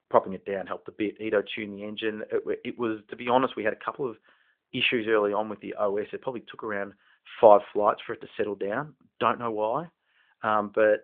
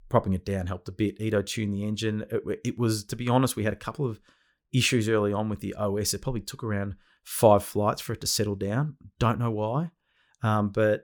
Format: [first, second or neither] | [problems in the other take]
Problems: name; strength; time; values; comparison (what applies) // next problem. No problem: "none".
second | phone-call audio; nothing above 3.5 kHz